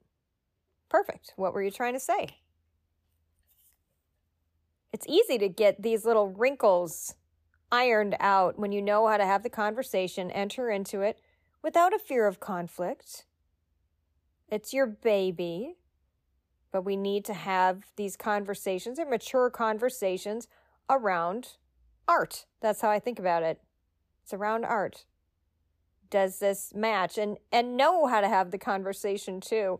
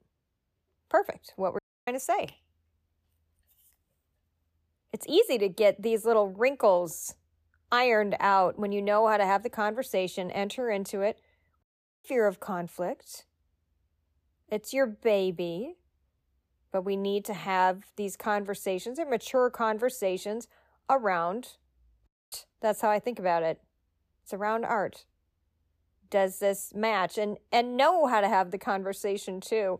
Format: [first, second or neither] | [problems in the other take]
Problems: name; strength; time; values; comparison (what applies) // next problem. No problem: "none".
first | audio cutting out; at 1.5 s, at 12 s and at 22 s